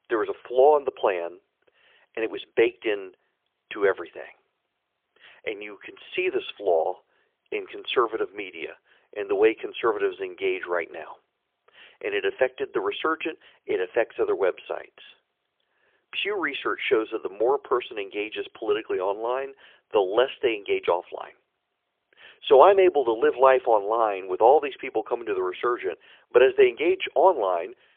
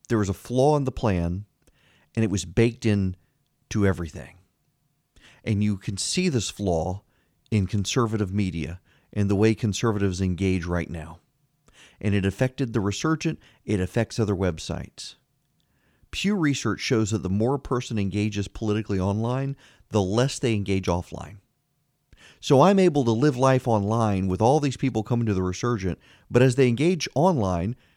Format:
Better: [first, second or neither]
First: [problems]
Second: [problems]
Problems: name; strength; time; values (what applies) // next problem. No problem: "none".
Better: second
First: phone-call audio; poor line; nothing above 3.5 kHz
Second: none